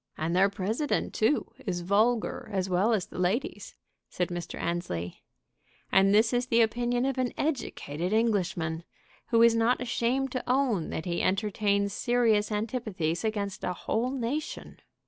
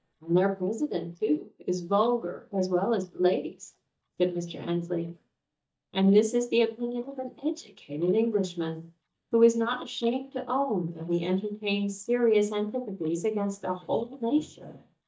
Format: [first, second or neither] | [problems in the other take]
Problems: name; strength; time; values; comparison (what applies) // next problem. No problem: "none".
first | noise reduction (neural mask model DeepFilterNet 3)